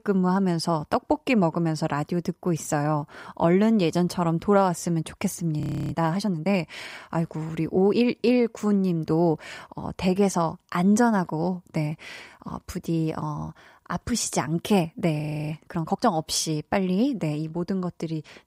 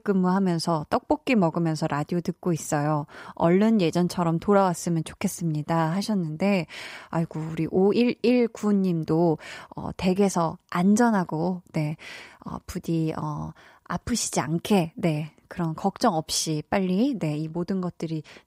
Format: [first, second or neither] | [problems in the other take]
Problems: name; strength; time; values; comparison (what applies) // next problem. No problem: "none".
second | audio freezing; at 5.5 s and at 15 s